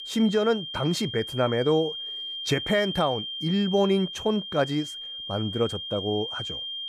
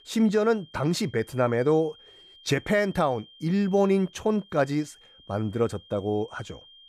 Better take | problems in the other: second | high-pitched whine; loud; throughout; 3 kHz, 6 dB below the speech; faint in the second

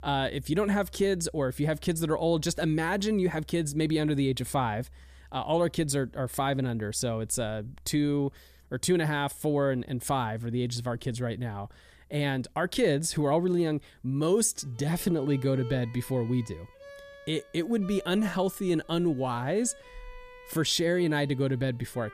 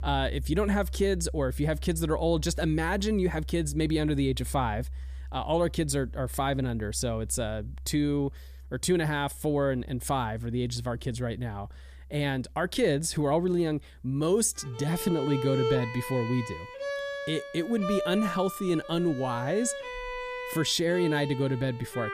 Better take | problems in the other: first | background music; loud; throughout; 9 dB below the speech; faint in the first

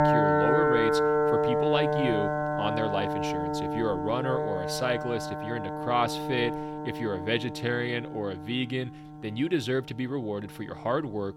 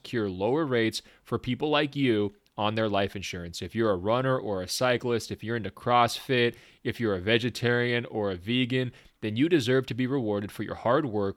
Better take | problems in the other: second | background music; very loud; throughout; 3 dB above the speech

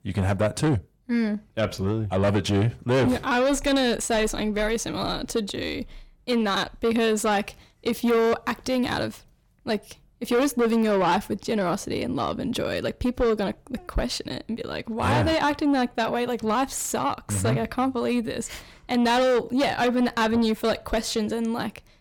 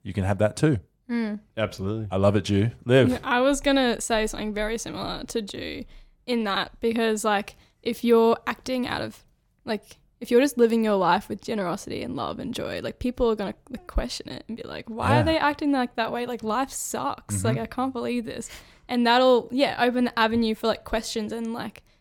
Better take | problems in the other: second | distortion; heavy; 8 dB below the speech

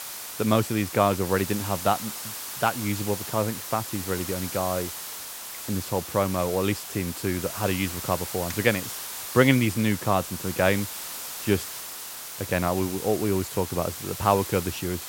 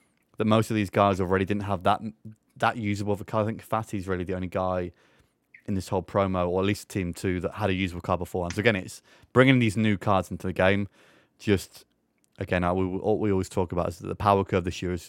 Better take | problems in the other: second | hiss; loud; throughout; 7 dB below the speech

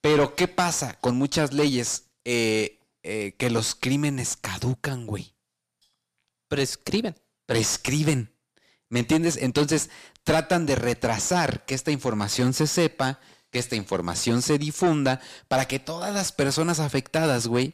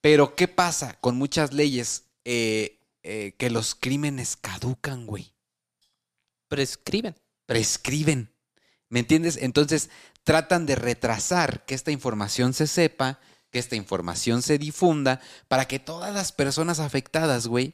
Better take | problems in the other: second | distortion; slight; 10 dB below the speech

